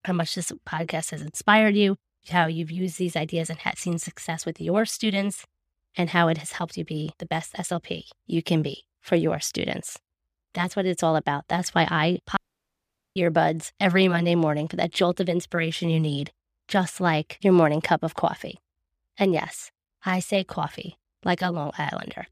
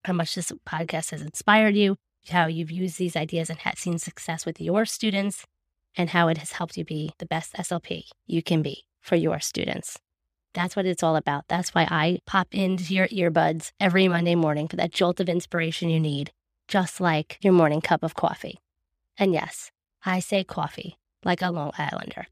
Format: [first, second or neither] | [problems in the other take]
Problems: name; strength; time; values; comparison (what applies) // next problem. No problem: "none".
second | audio cutting out; at 12 s for 1 s